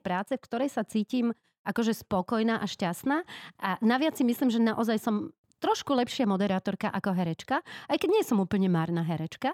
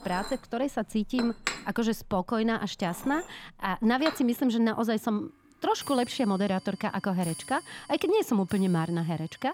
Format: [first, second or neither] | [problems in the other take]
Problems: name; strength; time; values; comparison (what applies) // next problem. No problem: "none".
first | household noises; noticeable; throughout; 10 dB below the speech